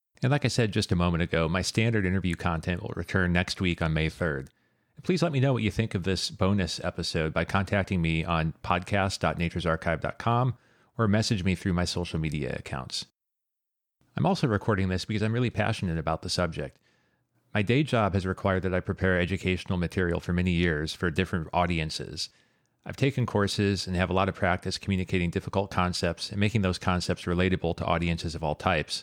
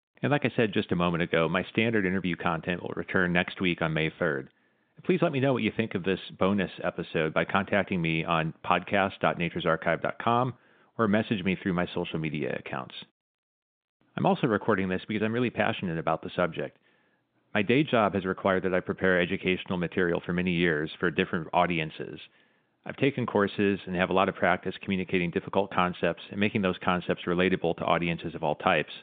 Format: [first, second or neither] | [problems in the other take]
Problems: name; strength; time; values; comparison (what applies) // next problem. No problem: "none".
first | phone-call audio; nothing above 3.5 kHz